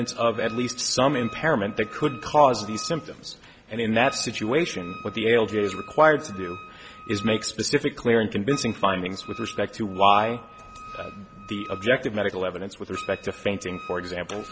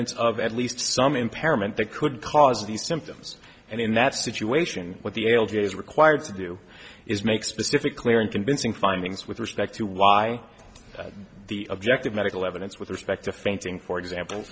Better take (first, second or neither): second